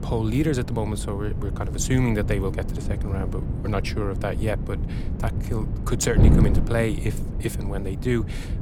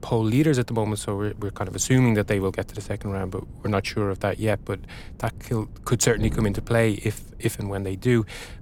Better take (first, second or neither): second